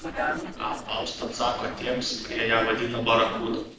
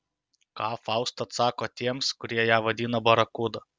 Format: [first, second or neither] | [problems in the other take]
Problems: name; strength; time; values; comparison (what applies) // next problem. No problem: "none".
second | noise reduction (neural separator model SepFormer DNS4)